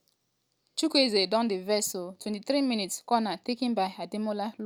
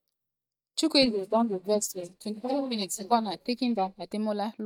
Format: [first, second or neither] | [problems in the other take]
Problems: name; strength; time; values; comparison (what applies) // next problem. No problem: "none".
first | noise reduction (neural mask model DeepFilterNet 3)